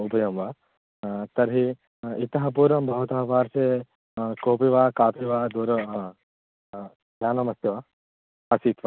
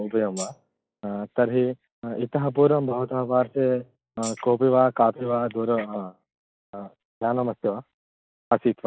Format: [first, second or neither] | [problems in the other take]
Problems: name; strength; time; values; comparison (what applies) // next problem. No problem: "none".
first | noise reduction (classical method log-MMSE)